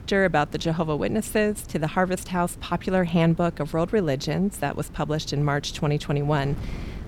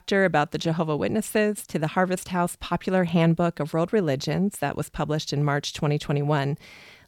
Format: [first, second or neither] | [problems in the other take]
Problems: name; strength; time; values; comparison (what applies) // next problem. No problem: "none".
second | wind noise on the microphone; occasional gusts; 25 dB below the speech